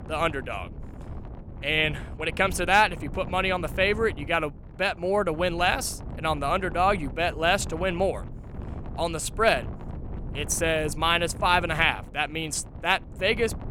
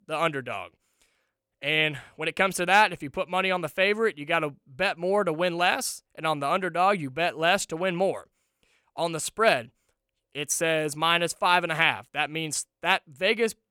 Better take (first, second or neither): second